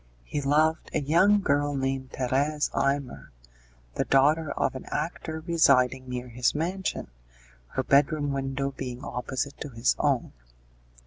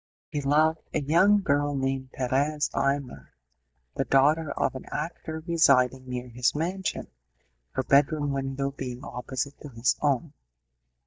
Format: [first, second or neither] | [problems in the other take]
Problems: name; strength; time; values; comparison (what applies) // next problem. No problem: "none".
first | noise reduction (neural mask model DeepFilterNet 3)